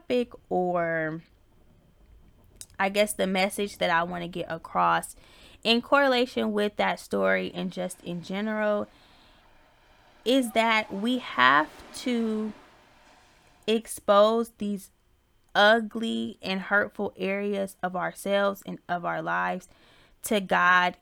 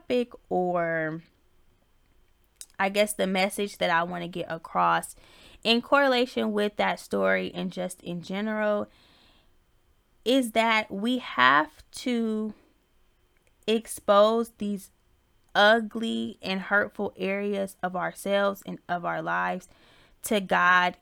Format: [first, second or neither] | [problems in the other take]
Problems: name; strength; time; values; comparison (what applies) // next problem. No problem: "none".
second | rain or running water; faint; until 14 s; 30 dB below the speech